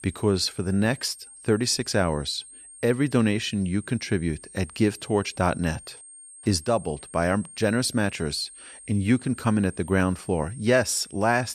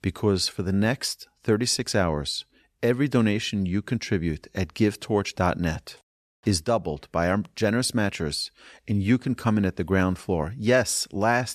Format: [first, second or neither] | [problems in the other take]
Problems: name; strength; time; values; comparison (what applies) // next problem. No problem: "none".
second | high-pitched whine; noticeable; throughout; 8.5 kHz, 20 dB below the speech